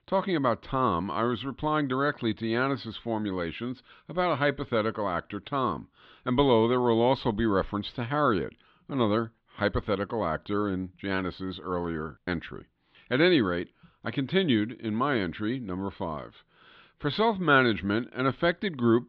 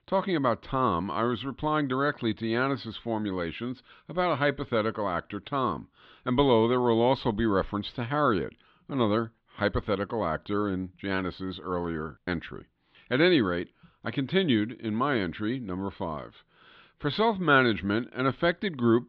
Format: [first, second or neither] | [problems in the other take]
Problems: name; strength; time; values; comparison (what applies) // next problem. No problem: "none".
neither | muffled; slightly; fading above 3.5 kHz; the same in both